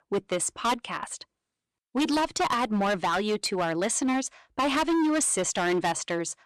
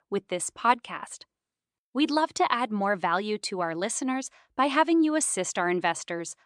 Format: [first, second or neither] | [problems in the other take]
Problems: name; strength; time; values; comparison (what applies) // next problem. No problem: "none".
second | distortion; heavy; 16% of the sound clipped